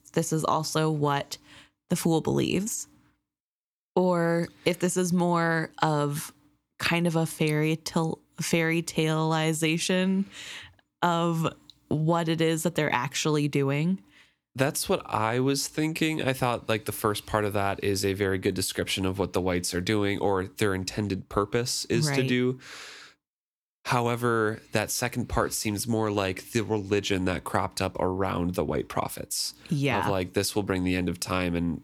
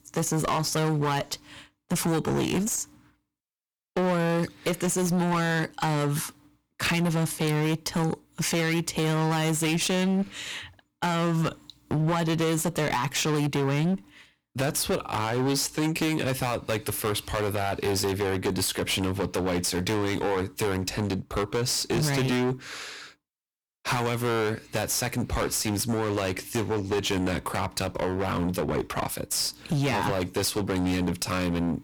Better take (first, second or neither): first